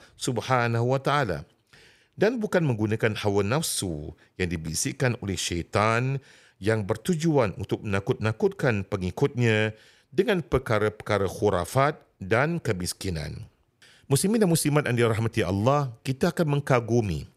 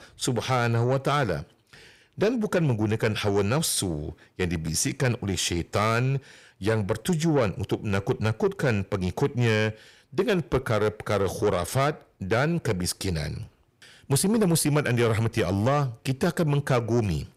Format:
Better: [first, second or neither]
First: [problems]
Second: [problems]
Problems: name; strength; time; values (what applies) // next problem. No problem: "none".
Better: first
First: none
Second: distortion; slight; 10 dB below the speech